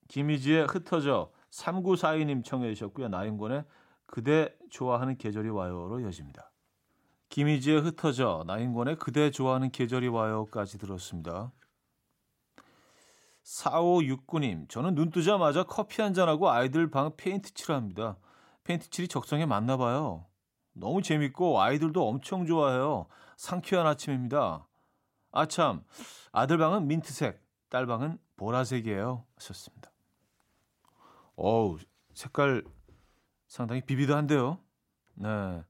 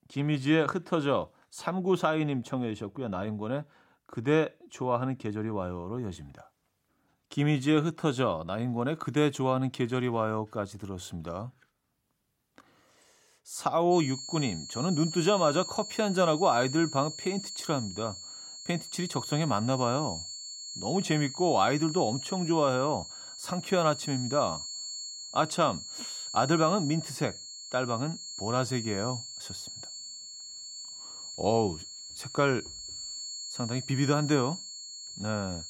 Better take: first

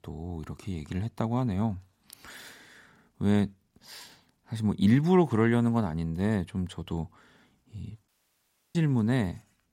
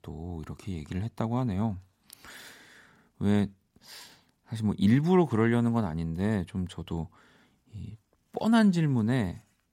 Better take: second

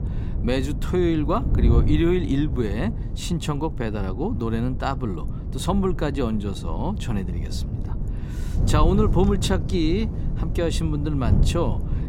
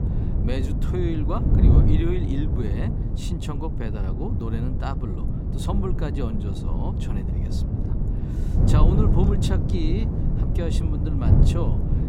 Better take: first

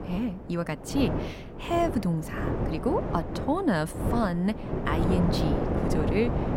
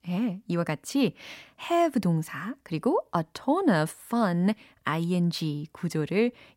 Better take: second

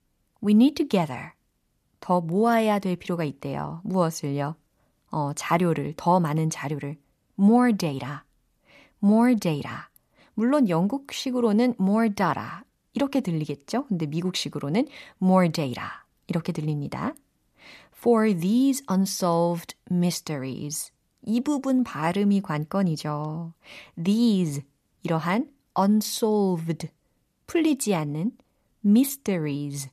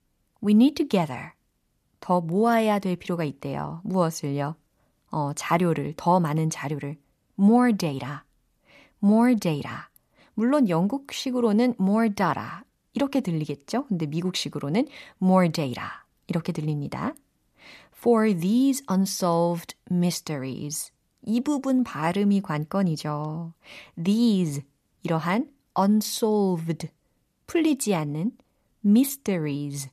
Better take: neither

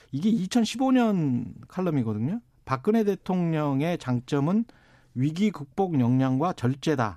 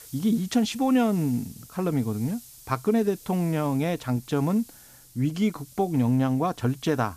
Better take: first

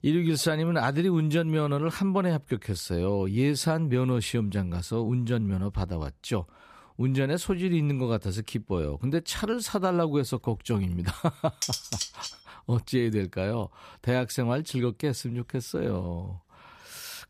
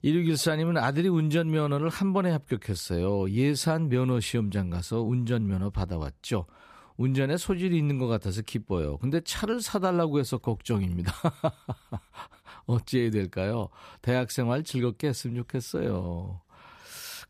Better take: second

